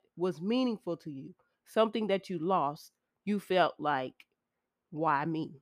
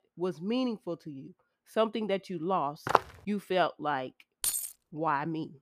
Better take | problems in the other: first | footsteps; loud; at 3 s; peak 4 dB above the speech // jangling keys; loud; at 4.5 s; peak 2 dB above the speech

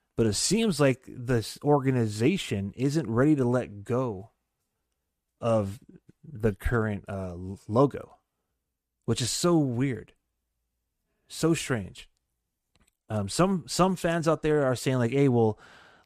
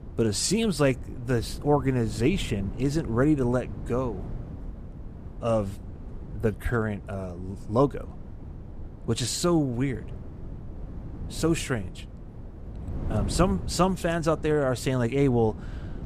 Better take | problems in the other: first | wind noise on the microphone; occasional gusts; 20 dB below the speech

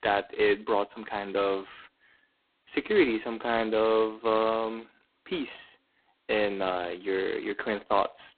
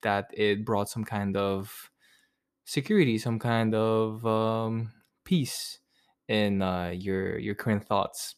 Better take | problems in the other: second | phone-call audio; poor line; nothing above 4 kHz

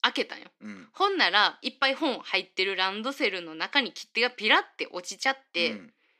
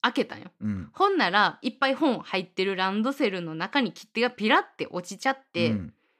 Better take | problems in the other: second | thin; very slightly; fading below 300 Hz

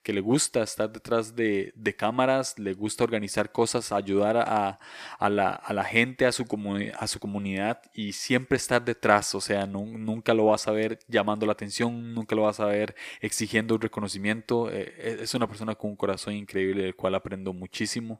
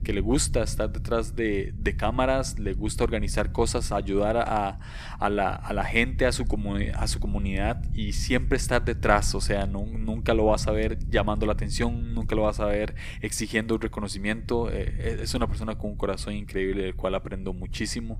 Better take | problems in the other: first | low rumble; faint; throughout; 20 dB below the speech

